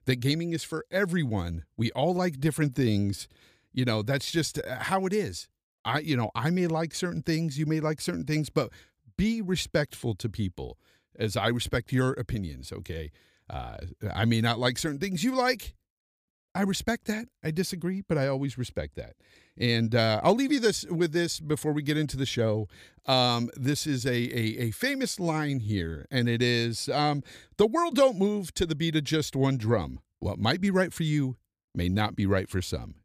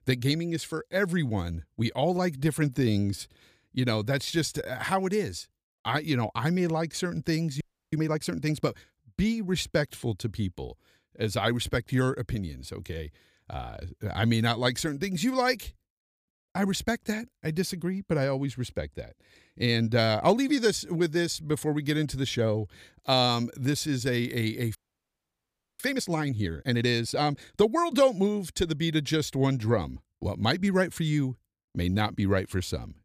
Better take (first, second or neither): first